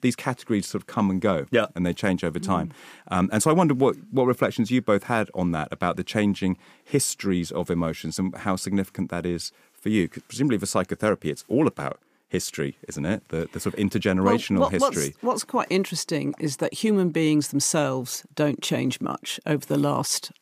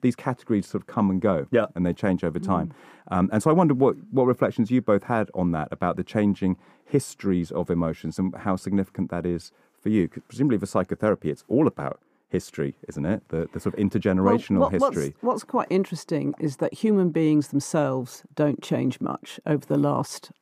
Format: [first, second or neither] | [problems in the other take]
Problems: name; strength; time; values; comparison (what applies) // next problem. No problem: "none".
first | muffled; slightly; fading above 2 kHz